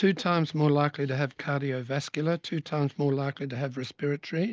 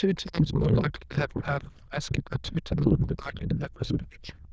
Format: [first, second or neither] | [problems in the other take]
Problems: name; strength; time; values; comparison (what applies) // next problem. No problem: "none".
first | noise reduction (neural diffusion model UNIVERSE++)